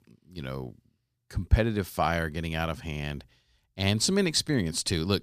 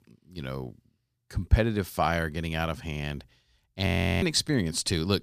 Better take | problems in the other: first | audio freezing; at 4 s

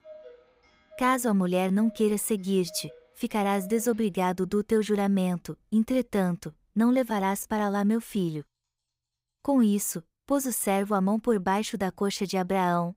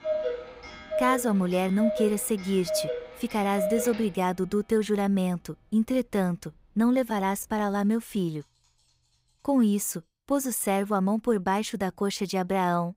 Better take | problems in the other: first | household noises; loud; until 10 s; 6 dB below the speech; faint in the first

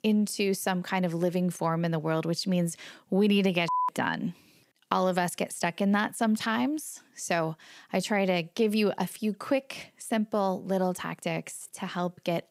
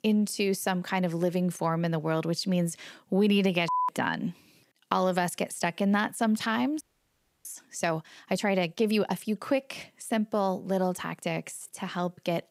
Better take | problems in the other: first | audio freezing; at 7 s for 0.5 s

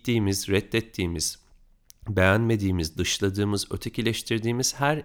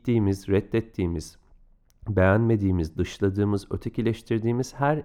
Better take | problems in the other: first | muffled; very; fading above 2 kHz

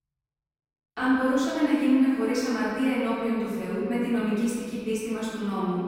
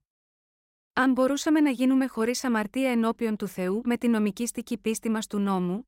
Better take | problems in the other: second | off-mic speech; far // room echo; strong; dies away in 2 s

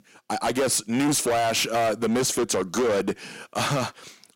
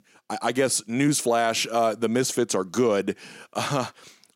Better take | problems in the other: second | distortion; heavy; 18% of the sound clipped

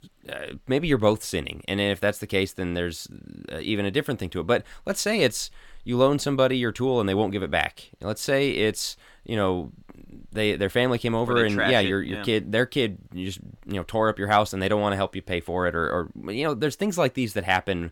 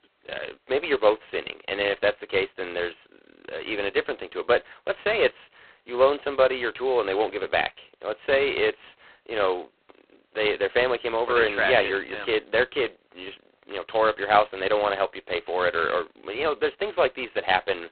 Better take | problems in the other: first | phone-call audio; poor line; nothing above 4 kHz

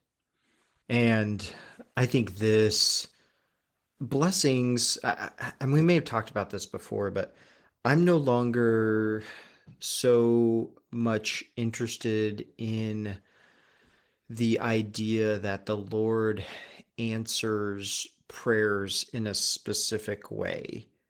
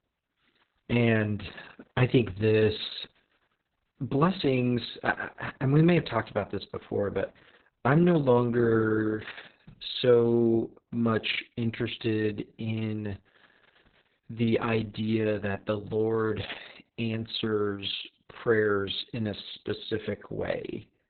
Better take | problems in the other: first | garbled, watery; badly; nothing above 4 kHz; slightly in the first

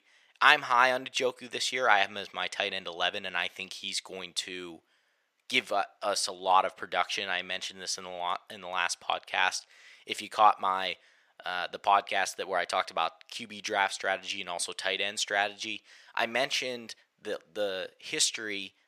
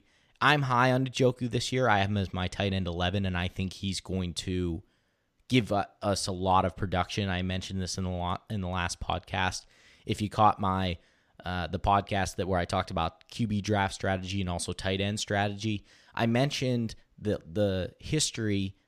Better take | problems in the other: second | thin; very; fading below 650 Hz

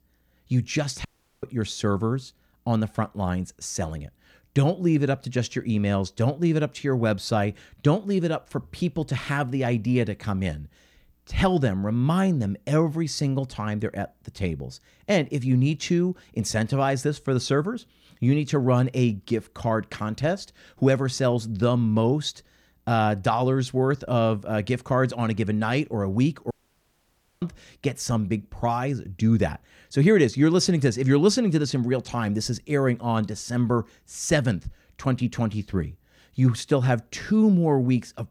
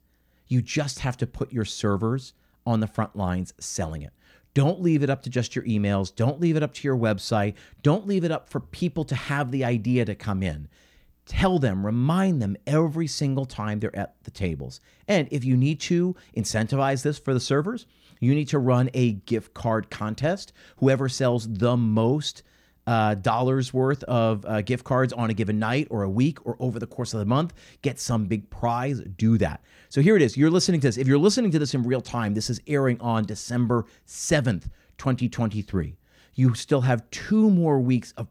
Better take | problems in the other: second | audio cutting out; at 1 s and at 27 s for 1 s

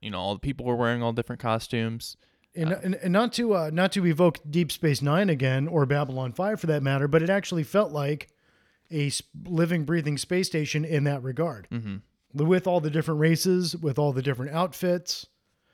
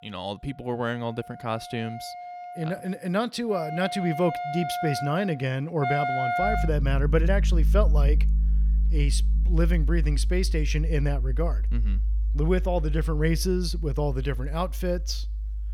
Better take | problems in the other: first | background music; very loud; throughout; 2 dB above the speech

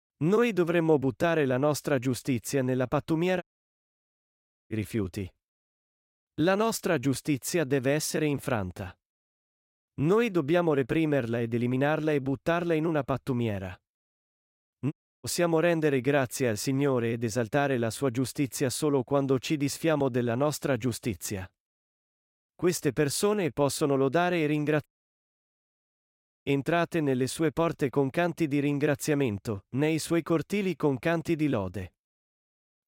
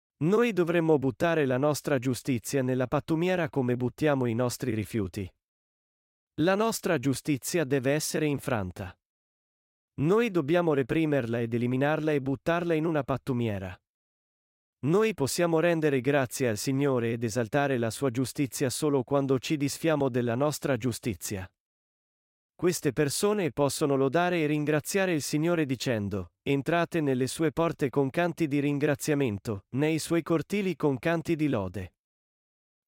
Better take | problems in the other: second | audio cutting out; at 3.5 s for 1.5 s, at 15 s and at 25 s for 1.5 s

